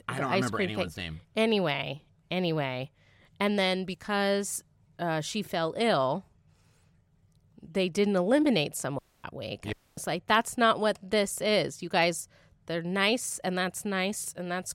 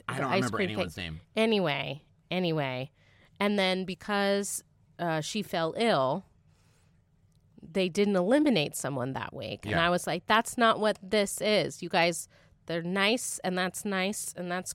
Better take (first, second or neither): second